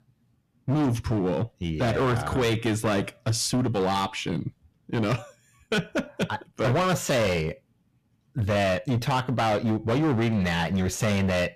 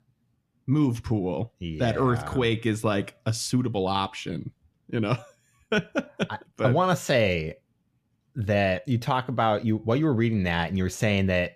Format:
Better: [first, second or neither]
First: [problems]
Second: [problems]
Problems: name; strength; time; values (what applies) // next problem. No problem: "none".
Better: second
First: distortion; heavy; 17% of the sound clipped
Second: none